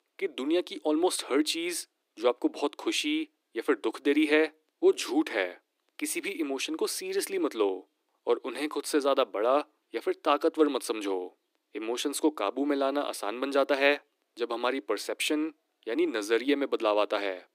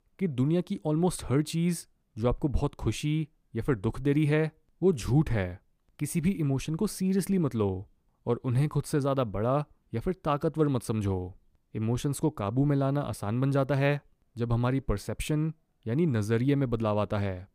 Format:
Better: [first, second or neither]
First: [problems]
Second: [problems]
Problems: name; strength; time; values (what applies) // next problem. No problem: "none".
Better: second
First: thin; somewhat; fading below 300 Hz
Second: none